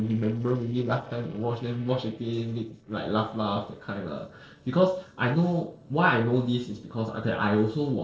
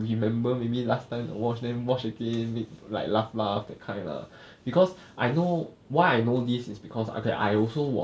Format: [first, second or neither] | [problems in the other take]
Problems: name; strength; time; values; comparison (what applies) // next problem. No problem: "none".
second | noise reduction (neural separator model SepFormer DNS4)